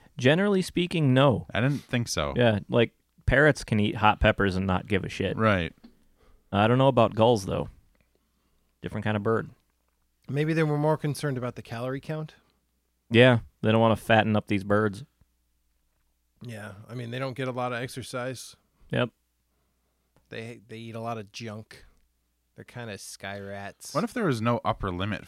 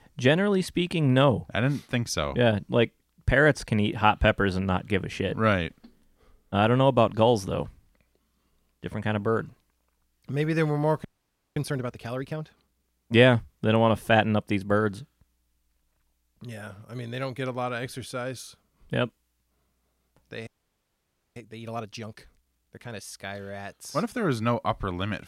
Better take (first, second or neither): first